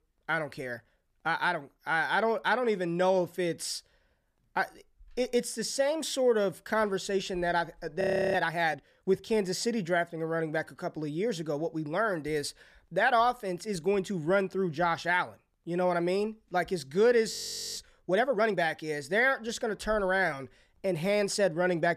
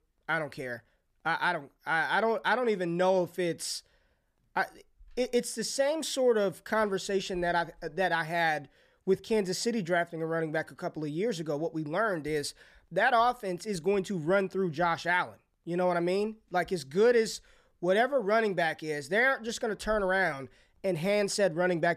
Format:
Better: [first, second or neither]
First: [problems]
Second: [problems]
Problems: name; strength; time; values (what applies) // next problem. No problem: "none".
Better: second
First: audio freezing; at 8 s and at 17 s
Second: none